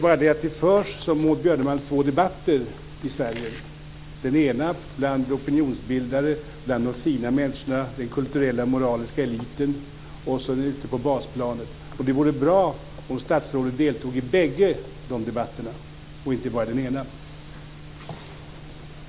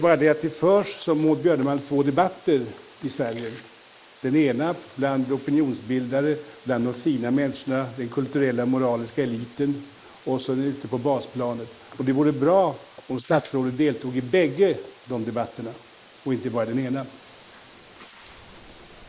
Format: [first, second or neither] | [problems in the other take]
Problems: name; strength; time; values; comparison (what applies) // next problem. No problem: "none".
first | noise reduction (neural mask model Resemble Enhance denoiser)